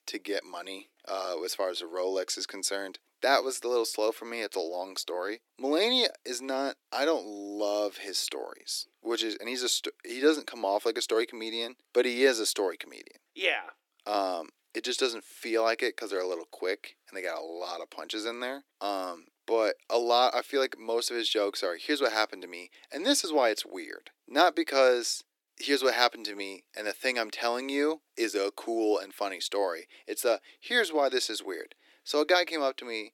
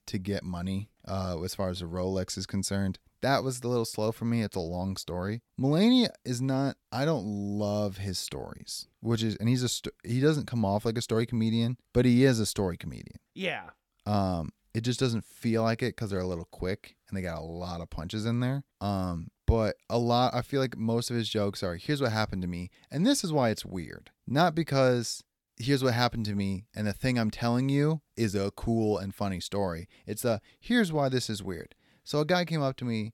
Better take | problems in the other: second | thin; very; fading below 300 Hz

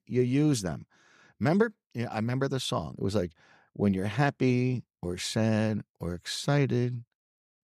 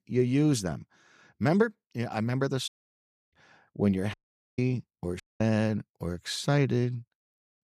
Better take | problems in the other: first | audio cutting out; at 2.5 s for 0.5 s, at 4 s and at 5 s

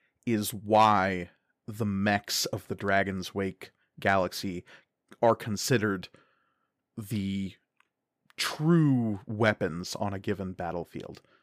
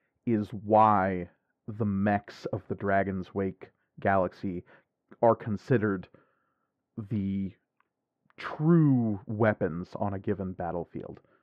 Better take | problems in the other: first | muffled; very; fading above 3.5 kHz

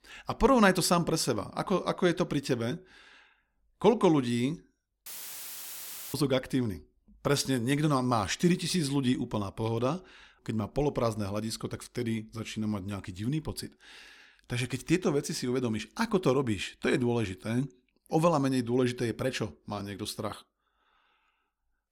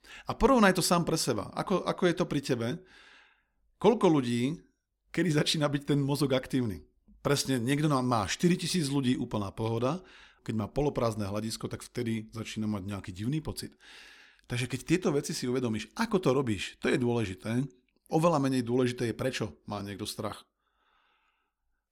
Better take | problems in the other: second | audio cutting out; filled with static; at 5 s for 1 s

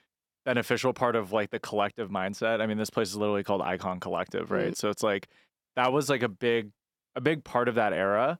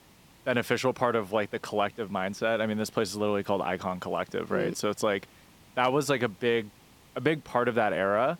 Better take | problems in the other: first | hiss; faint; throughout; 25 dB below the speech

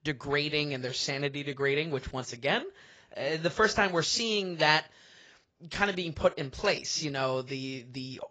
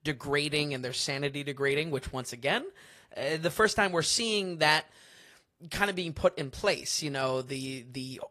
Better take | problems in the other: second | garbled, watery; badly; nothing above 7.5 kHz; slightly in the second

